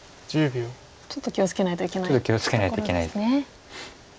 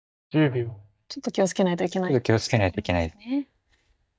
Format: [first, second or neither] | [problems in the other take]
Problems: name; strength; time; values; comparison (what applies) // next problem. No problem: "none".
first | noise reduction (neural mask model DeepFilterNet 3)